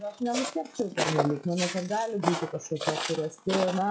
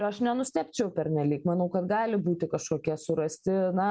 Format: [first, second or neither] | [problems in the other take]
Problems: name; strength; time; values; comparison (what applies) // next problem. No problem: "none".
second | noise reduction (classical method log-MMSE)